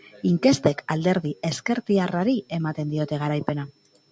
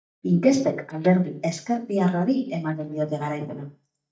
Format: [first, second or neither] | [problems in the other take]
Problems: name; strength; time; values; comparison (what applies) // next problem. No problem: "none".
first | noise reduction (neural mask model DeepFilterNet 3)